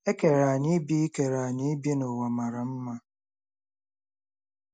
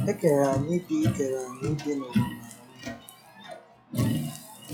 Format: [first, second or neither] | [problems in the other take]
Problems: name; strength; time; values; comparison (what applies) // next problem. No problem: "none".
first | noise reduction (classical method log-MMSE)